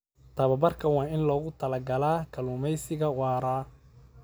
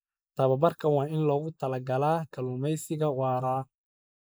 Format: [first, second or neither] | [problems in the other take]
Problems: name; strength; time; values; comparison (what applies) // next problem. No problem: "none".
first | noise reduction (neural mask model Resemble Enhance denoiser)